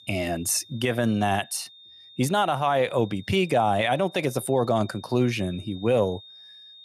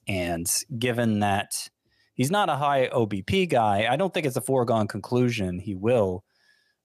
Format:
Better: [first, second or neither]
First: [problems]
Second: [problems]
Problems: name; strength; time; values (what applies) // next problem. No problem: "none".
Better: second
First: high-pitched whine; faint; throughout; 3.5 kHz, 20 dB below the speech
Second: none